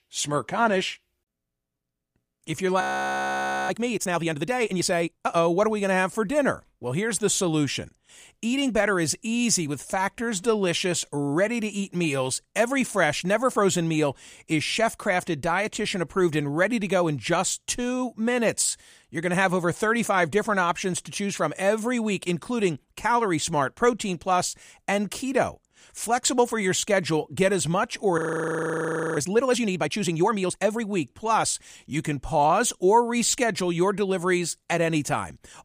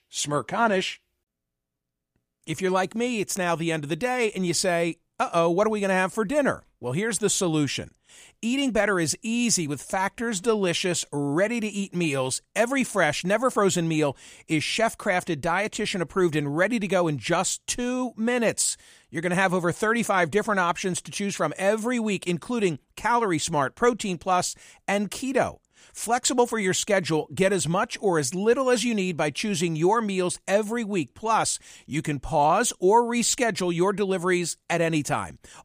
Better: second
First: audio freezing; at 3 s for 1 s and at 28 s for 1 s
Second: none

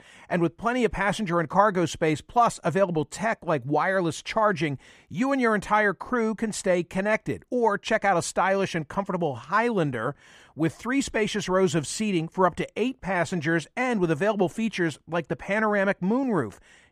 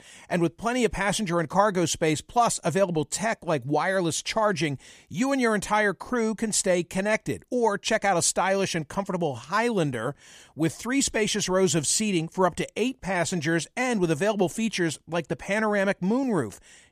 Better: second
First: muffled; slightly; fading above 3.5 kHz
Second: none

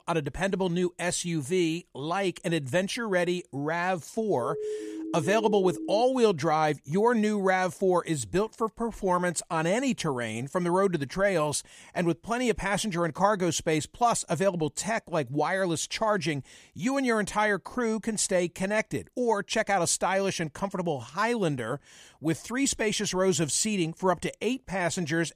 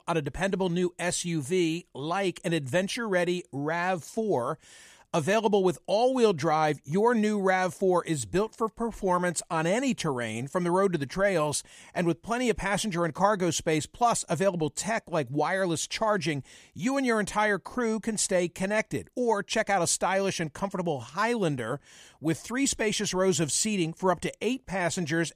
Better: second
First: siren; noticeable; from 4.5 to 6 s; peak 6 dB below the speech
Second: none

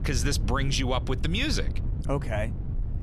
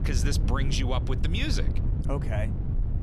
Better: first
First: wind noise on the microphone; occasional gusts; 15 dB below the speech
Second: wind noise on the microphone; heavy; 8 dB below the speech

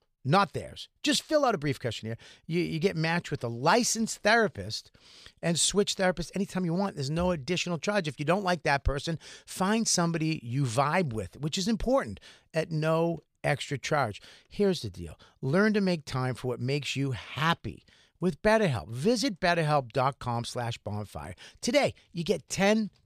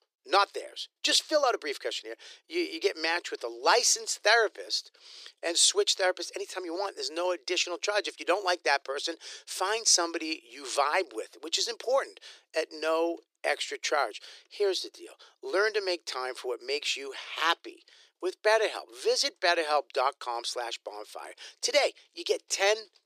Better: first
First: none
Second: thin; very; fading below 350 Hz

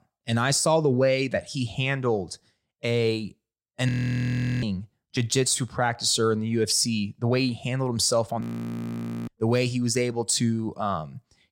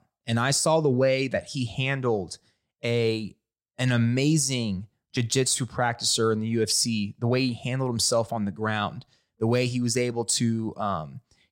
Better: second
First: audio freezing; at 4 s for 0.5 s and at 8.5 s for 1 s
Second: none

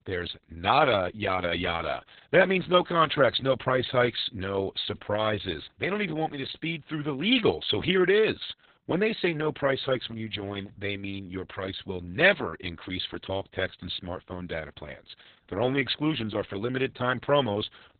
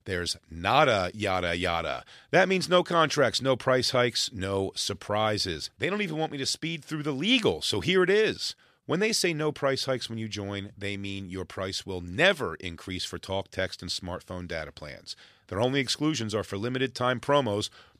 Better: second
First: garbled, watery; badly; nothing above 4 kHz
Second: none

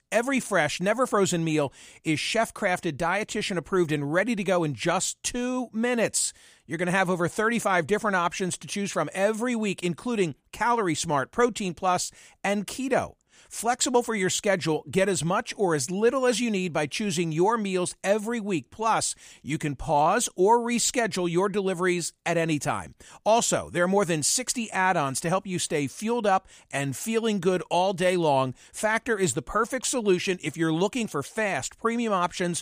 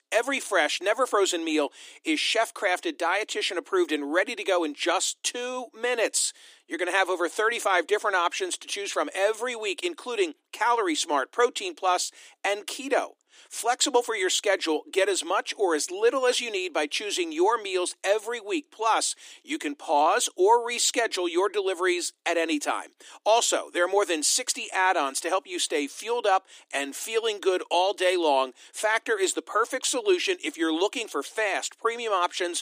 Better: first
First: none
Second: thin; somewhat; fading below 300 Hz

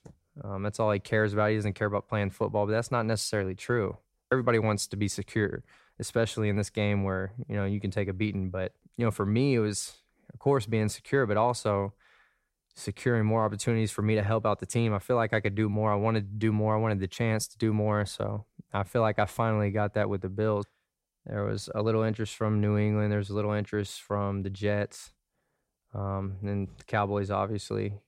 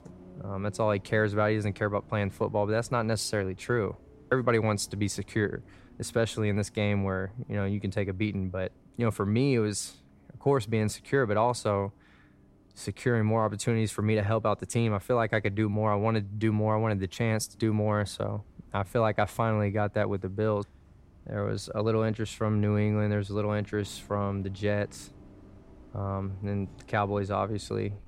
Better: first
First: none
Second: traffic noise; faint; throughout; 25 dB below the speech

